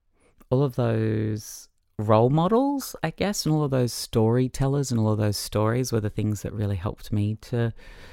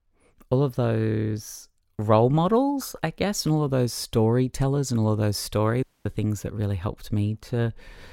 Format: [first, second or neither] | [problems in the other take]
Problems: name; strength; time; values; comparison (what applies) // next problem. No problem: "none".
first | audio cutting out; at 6 s